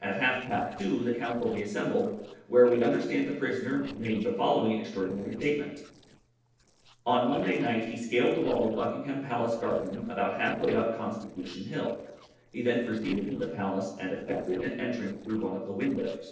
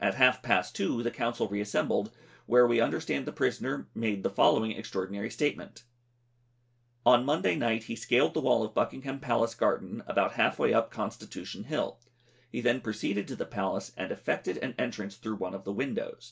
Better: second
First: noise reduction (neural separator model SepFormer DNS4)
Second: none

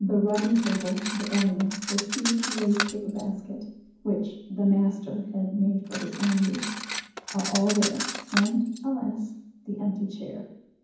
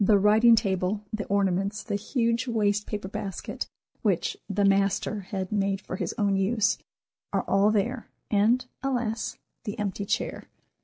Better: second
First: background sound (Cutlery, silverware); 7 dB below the speech // room echo; dies away in 1.2 s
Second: none

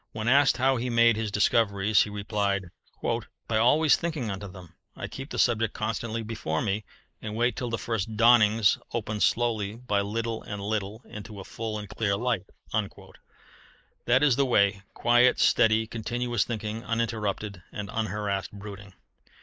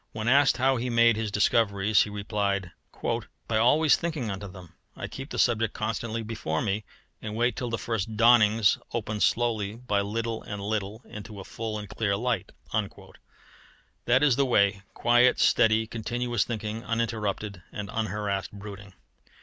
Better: second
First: noise reduction (neural mask model Resemble Enhance denoiser)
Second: none

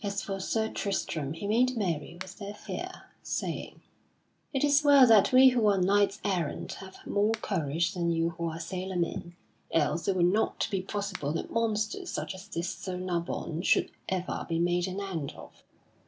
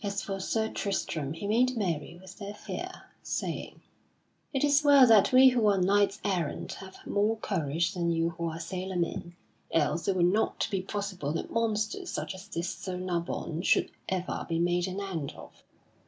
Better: second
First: background sound (Finger snapping); 20 dB below the speech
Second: none

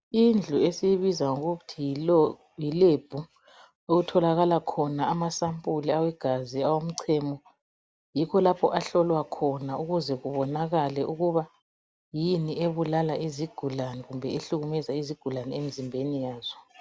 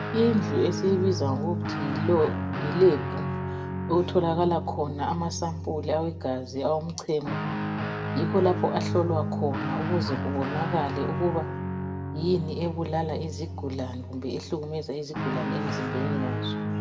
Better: first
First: none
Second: background sound (Guitar); 3 dB below the speech // room echo; dies away in 0.5 s

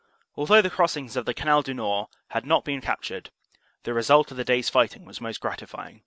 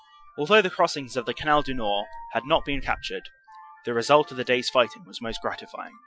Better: first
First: none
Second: noise reduction (classical method Wiener filter)

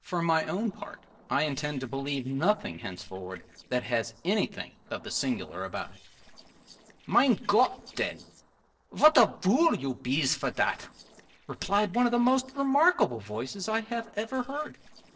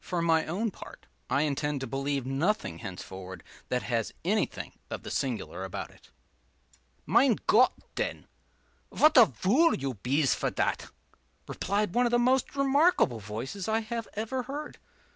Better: second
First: noise reduction (neural separator model SepFormer DNS4)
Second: none

